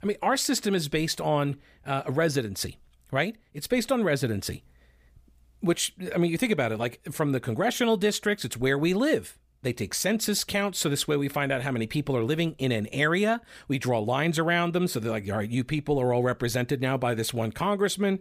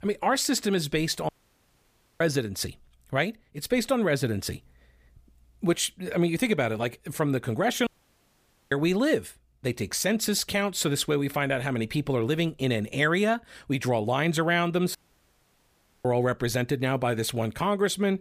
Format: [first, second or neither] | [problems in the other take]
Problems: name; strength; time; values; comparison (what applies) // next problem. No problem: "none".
first | audio cutting out; at 1.5 s for 1 s, at 8 s for 1 s and at 15 s for 1 s